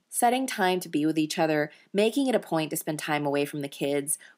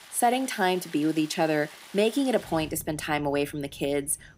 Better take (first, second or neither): first